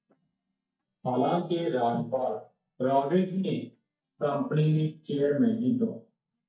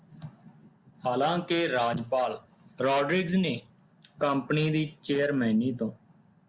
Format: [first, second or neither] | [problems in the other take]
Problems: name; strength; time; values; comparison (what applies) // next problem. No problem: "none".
second | noise reduction (neural mask model DeepFilterNet 3)